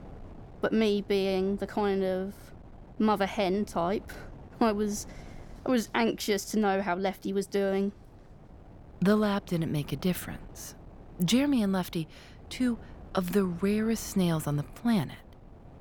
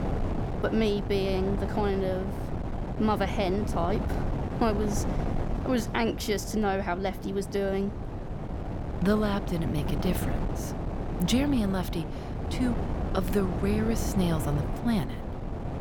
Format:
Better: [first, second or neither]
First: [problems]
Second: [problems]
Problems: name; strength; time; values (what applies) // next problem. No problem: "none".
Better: first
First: wind noise on the microphone; occasional gusts; 25 dB below the speech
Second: wind noise on the microphone; heavy; 7 dB below the speech